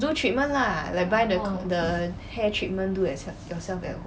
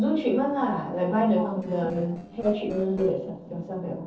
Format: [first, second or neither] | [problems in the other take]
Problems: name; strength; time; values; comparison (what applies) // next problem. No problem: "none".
first | noise reduction (neural separator model SepFormer DNS4)